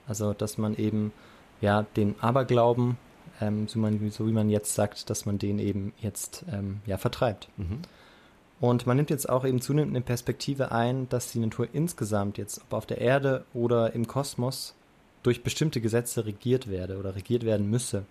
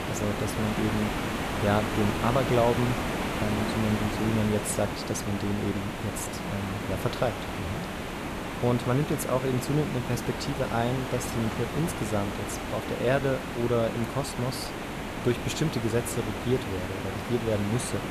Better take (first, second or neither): first